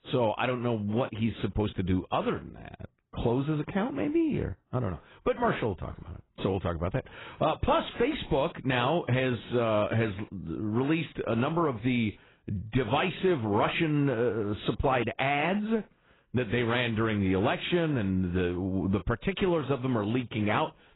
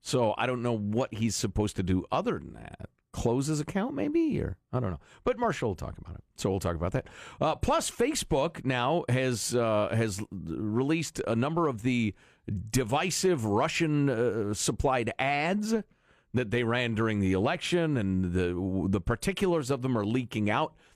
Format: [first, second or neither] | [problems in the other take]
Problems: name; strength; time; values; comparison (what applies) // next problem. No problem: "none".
second | garbled, watery; badly; nothing above 4 kHz